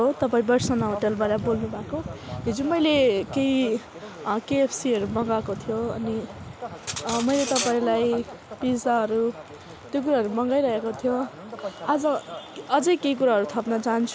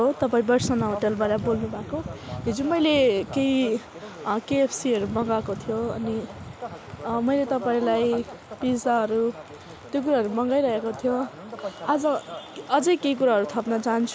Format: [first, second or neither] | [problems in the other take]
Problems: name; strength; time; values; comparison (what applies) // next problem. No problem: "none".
second | background sound (Cutlery, silverware); 11 dB below the speech